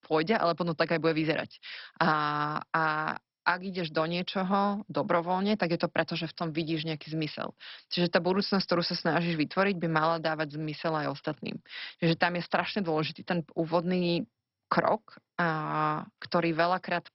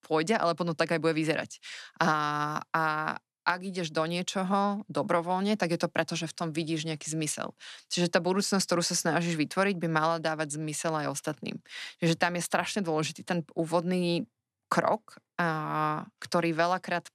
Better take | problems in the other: second | garbled, watery; badly; nothing above 5.5 kHz

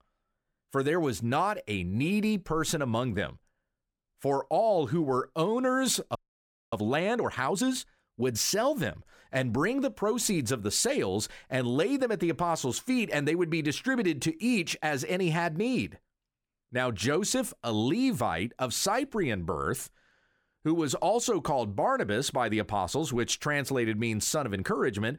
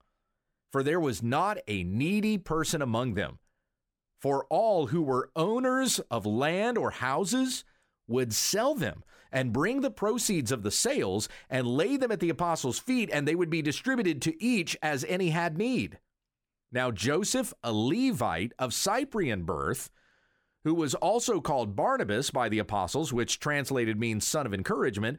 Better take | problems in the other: second | audio freezing; at 6 s for 0.5 s

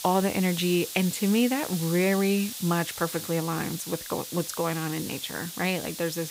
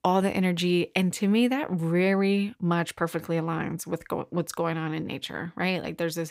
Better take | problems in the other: second | hiss; loud; throughout; 8 dB below the speech

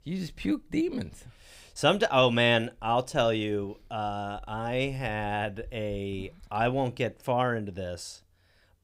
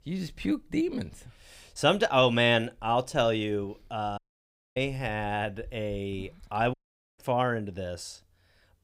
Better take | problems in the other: first | audio cutting out; at 4 s for 0.5 s and at 6.5 s

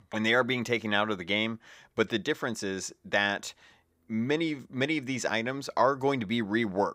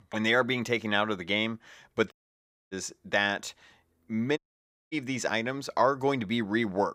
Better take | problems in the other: first | audio cutting out; at 2 s for 0.5 s and at 4.5 s for 0.5 s

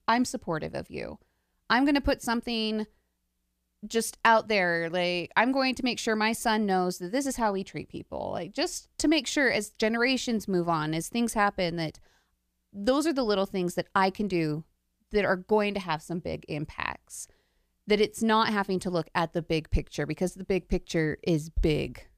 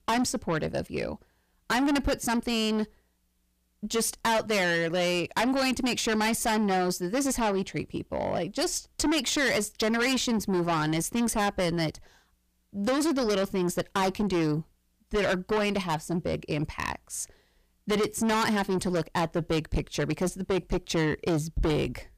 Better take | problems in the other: first | distortion; heavy; 6 dB below the speech

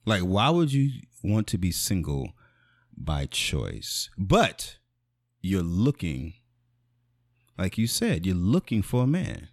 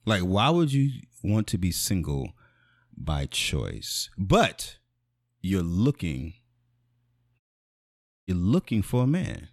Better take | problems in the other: first | audio cutting out; at 7.5 s for 1 s

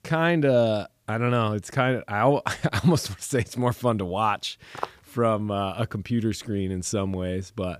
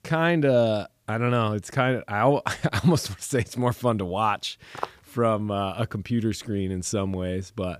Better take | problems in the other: neither | footsteps; faint; at 5 s; peak 10 dB below the speech; the same in both

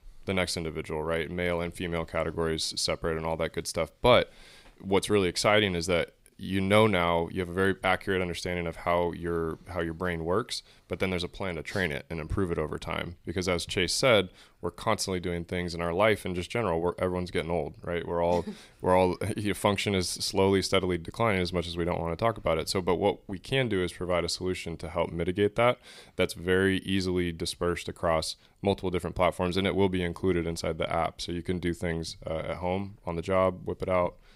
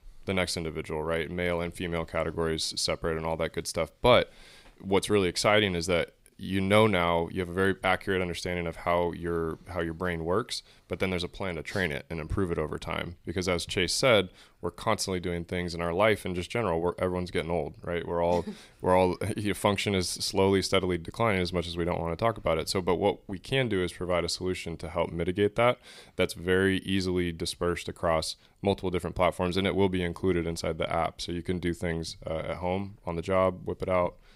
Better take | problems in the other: neither | none

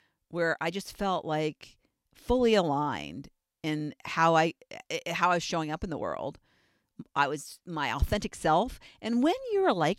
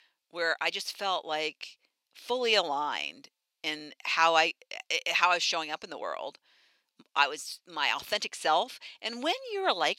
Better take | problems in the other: first | thin; very; fading below 550 Hz

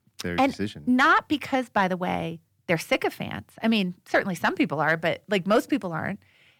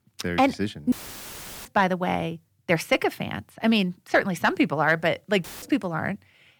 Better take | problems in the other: first | audio cutting out; filled with static; at 1 s for 0.5 s and at 5.5 s

